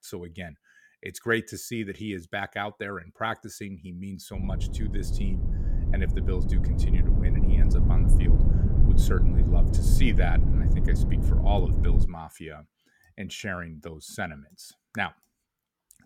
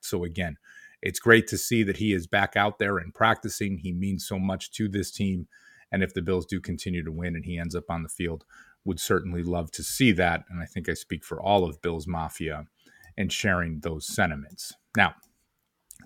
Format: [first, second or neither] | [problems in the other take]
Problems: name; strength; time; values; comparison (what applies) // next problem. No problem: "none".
second | low rumble; loud; from 4.5 to 12 s; 5 dB below the speech